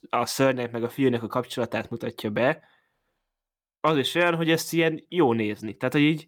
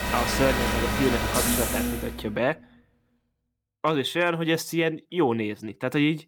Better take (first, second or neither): first